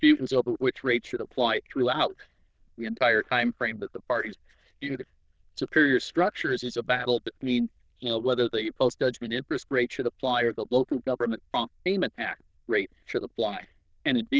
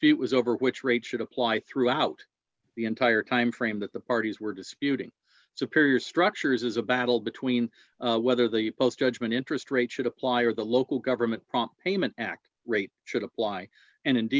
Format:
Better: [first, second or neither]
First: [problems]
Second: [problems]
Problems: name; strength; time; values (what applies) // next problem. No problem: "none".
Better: second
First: noise reduction (neural diffusion model UNIVERSE++)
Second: none